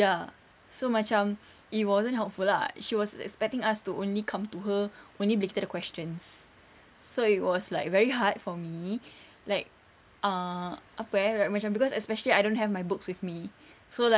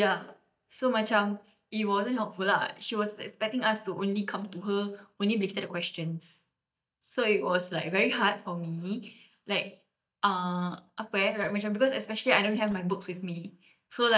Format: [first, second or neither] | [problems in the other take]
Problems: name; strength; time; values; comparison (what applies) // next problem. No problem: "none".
first | noise reduction (neural mask model DeepFilterNet 3)